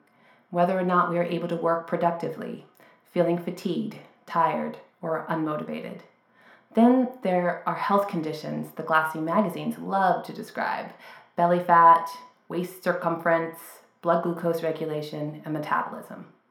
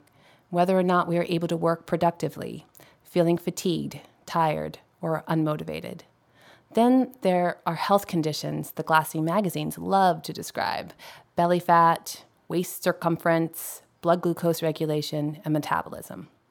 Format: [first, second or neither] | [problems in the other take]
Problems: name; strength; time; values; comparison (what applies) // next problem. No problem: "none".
second | room echo; very slight; dies away in 0.5 s